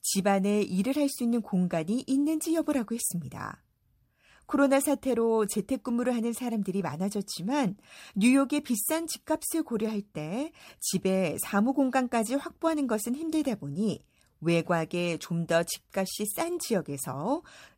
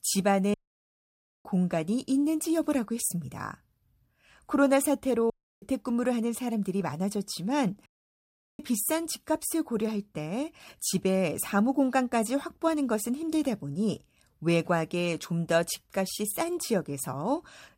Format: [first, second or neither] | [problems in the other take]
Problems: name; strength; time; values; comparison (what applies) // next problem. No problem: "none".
first | audio cutting out; at 0.5 s for 1 s, at 5.5 s and at 8 s for 0.5 s